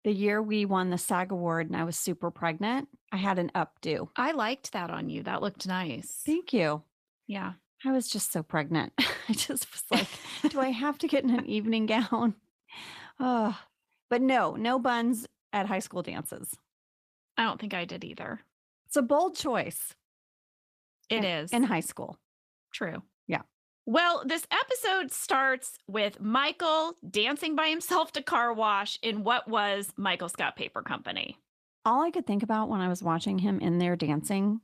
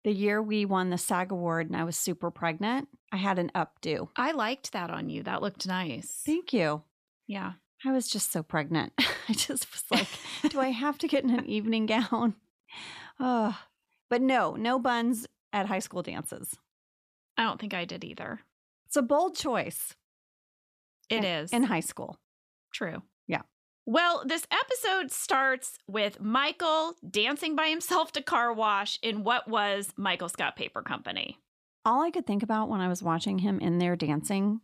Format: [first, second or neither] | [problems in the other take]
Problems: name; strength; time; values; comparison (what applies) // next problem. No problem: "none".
second | garbled, watery; slightly; nothing above 14.5 kHz